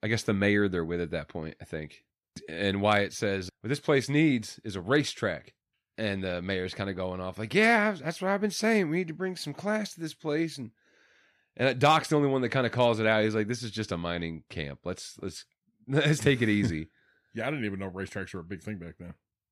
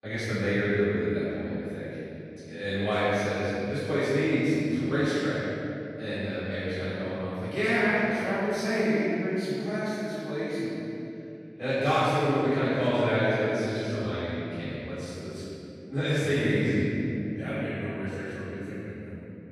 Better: first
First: none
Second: room echo; strong; dies away in 2.9 s // off-mic speech; far

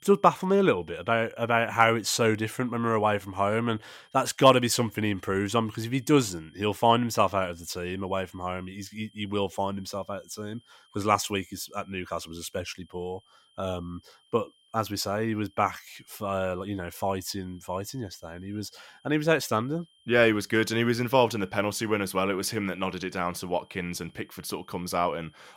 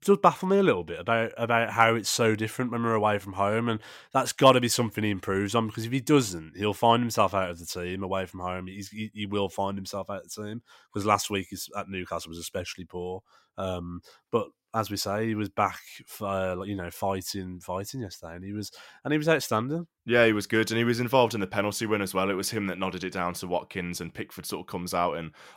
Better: second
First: high-pitched whine; faint; throughout; 3 kHz, 35 dB below the speech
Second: none

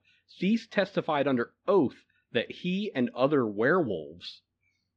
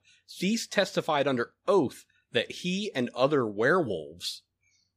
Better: second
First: muffled; slightly; fading above 3.5 kHz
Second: none

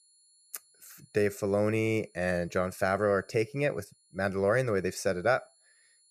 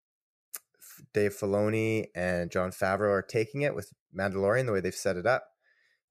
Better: second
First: high-pitched whine; faint; throughout; 10.5 kHz, 35 dB below the speech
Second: none

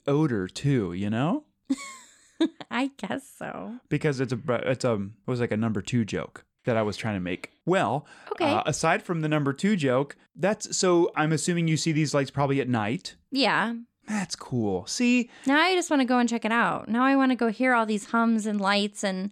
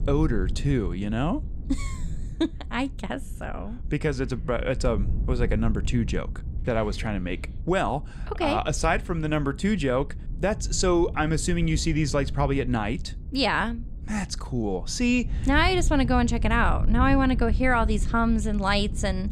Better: first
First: none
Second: wind noise on the microphone; occasional gusts; 20 dB below the speech

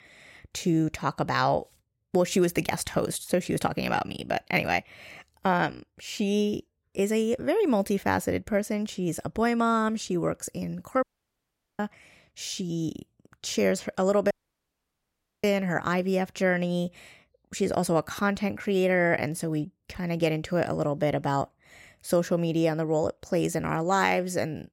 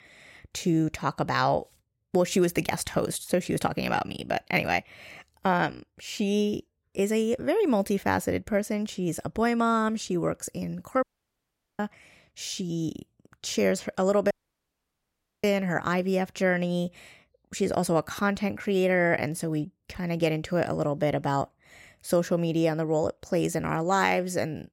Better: neither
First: audio cutting out; at 11 s for 1 s and at 14 s for 1 s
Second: audio cutting out; at 11 s for 1 s and at 14 s for 1 s

